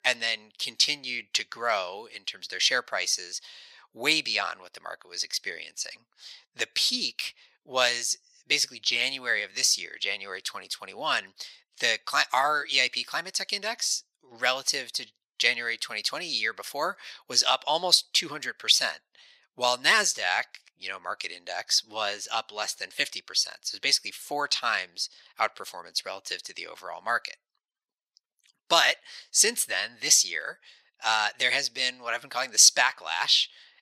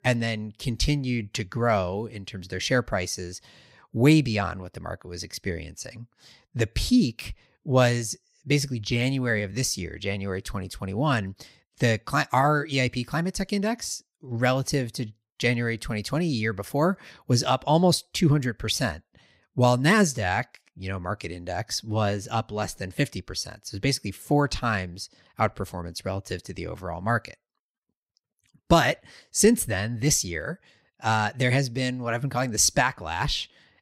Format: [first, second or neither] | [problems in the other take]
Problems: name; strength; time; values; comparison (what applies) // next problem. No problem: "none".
second | thin; very; fading below 750 Hz